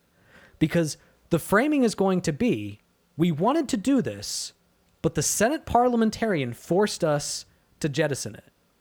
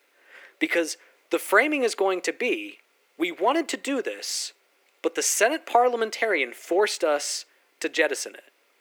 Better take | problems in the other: first | thin; somewhat; fading below 300 Hz

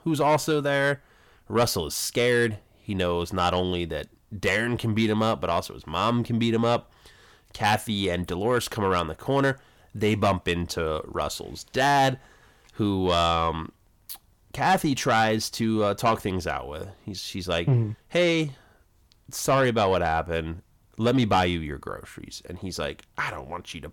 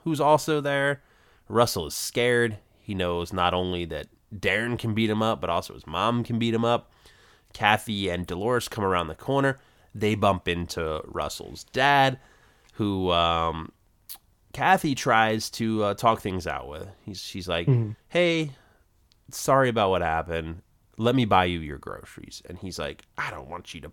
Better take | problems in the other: second | distortion; slight; 10 dB below the speech

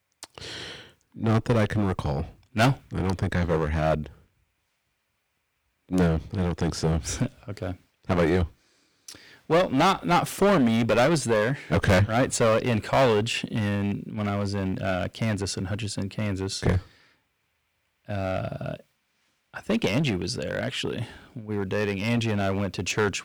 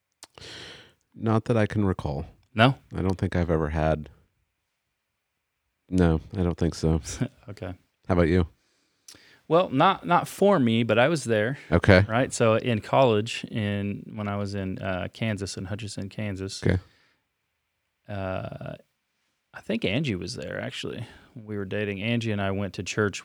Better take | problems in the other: second | distortion; heavy; 7% of the sound clipped

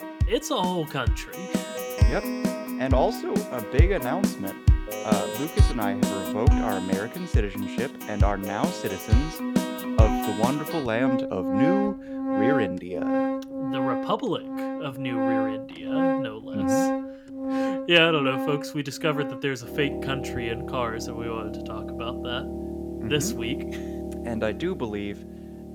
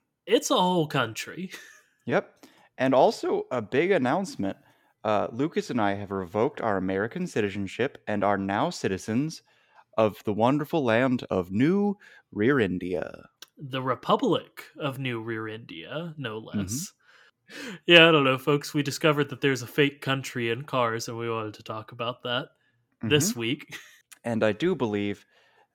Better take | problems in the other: second | background music; very loud; throughout; 1 dB above the speech

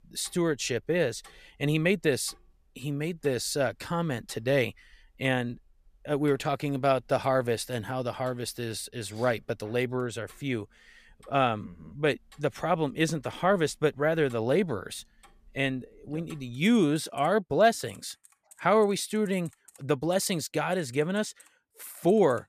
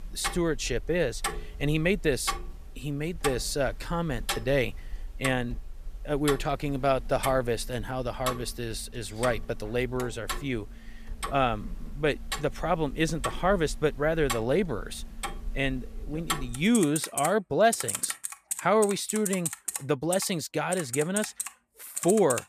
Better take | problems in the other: first | household noises; loud; throughout; 8 dB below the speech; faint in the first

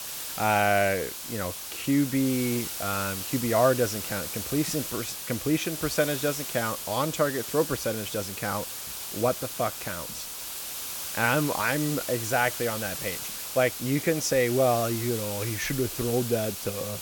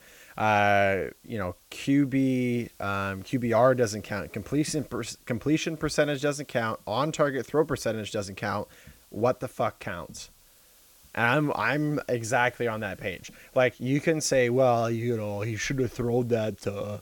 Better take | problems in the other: second | hiss; loud; throughout; 5 dB below the speech; faint in the second

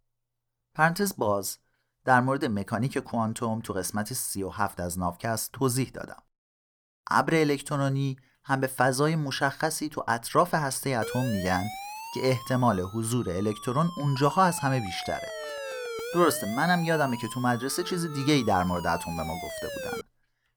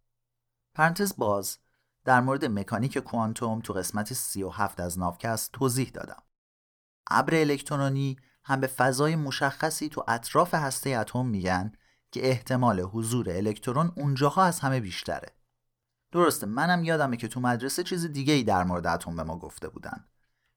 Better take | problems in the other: second | siren; noticeable; from 11 to 20 s; peak 7 dB below the speech

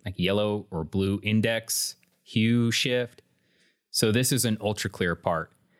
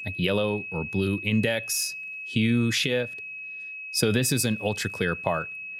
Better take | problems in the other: first | high-pitched whine; loud; throughout; 2.5 kHz, 8 dB below the speech

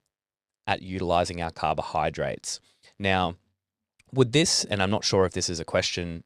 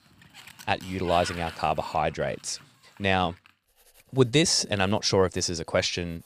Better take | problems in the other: first | household noises; noticeable; throughout; 15 dB below the speech

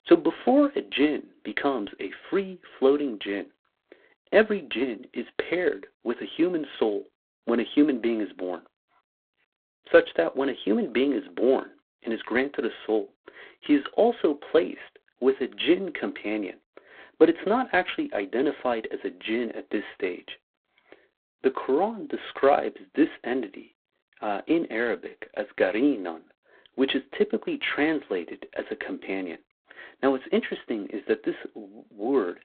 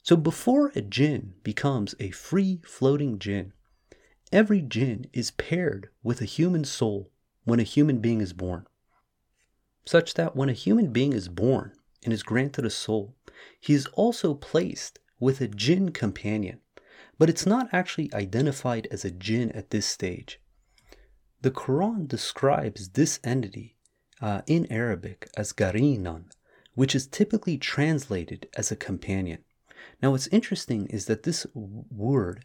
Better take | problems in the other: second | phone-call audio; poor line

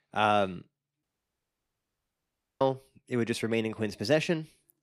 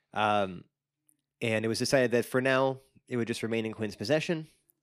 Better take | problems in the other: second | audio cutting out; at 1 s for 1.5 s

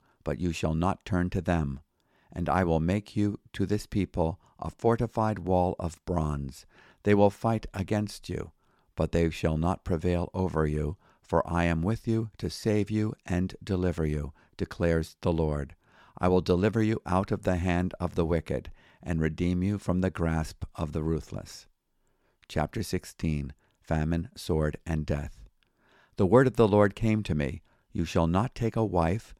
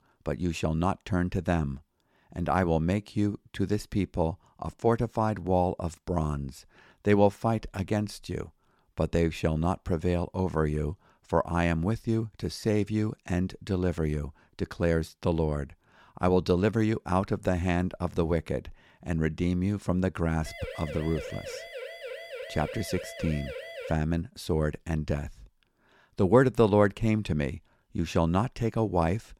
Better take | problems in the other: first | siren; faint; from 20 to 24 s; peak 10 dB below the speech

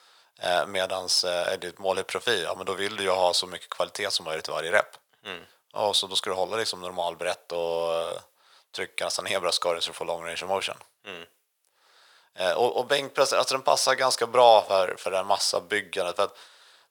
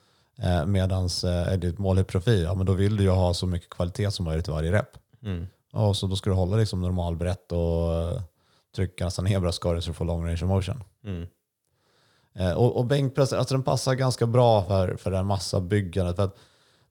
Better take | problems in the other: second | thin; very; fading below 800 Hz

